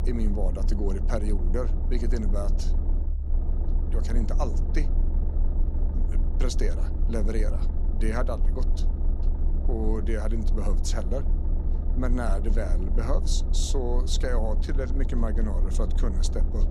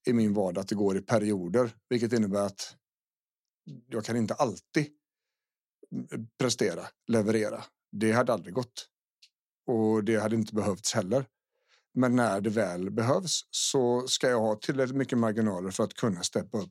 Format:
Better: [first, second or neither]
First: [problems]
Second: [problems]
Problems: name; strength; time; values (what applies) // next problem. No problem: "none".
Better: second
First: low rumble; loud; throughout; 9 dB below the speech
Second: none